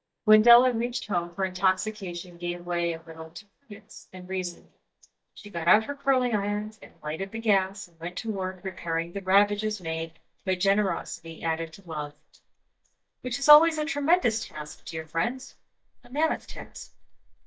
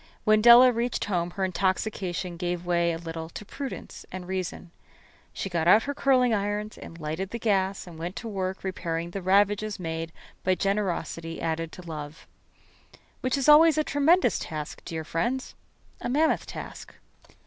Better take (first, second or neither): second